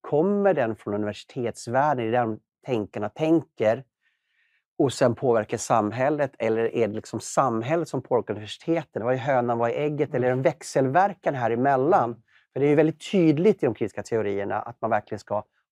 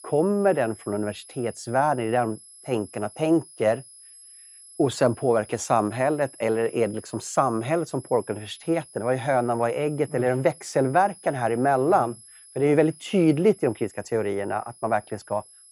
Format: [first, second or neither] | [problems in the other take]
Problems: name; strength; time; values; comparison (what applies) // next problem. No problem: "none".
first | high-pitched whine; faint; throughout; 11 kHz, 20 dB below the speech